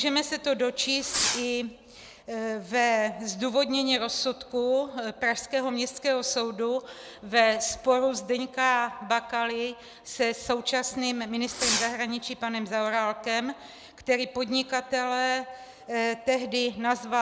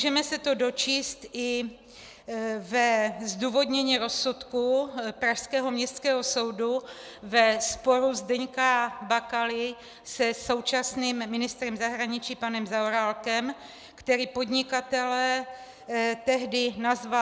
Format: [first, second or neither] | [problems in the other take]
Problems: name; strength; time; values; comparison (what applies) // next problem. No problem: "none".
second | background sound (Fireworks); 4 dB below the speech